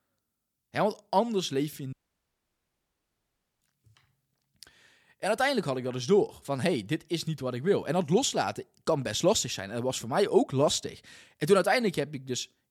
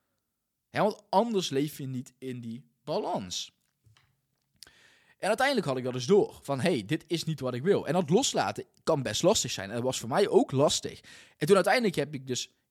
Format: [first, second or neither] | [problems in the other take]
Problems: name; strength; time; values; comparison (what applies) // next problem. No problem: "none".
second | audio cutting out; at 2 s for 1.5 s